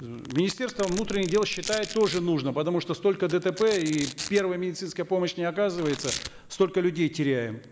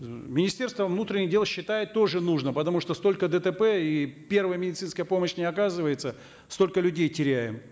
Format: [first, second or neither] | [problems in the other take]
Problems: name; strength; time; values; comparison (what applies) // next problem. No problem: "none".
second | background sound (Domestic sounds, home sounds); 14 dB below the speech